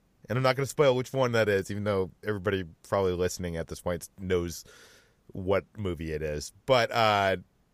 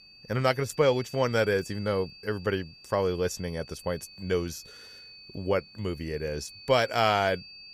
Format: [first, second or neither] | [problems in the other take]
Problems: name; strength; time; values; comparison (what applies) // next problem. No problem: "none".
first | high-pitched whine; noticeable; throughout; 4.5 kHz, 20 dB below the speech